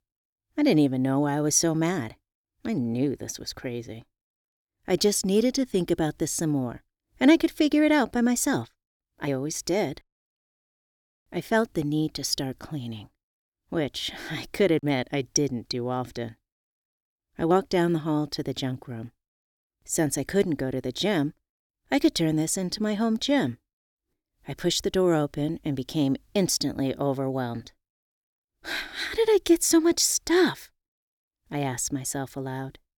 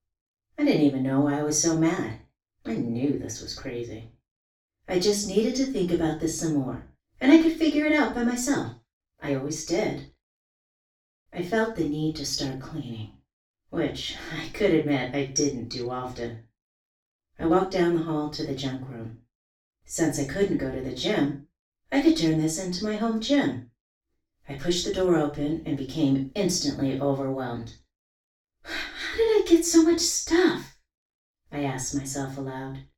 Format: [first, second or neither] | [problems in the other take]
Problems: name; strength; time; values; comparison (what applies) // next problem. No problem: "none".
first | room echo; noticeable; dies away in 0.3 s // off-mic speech; far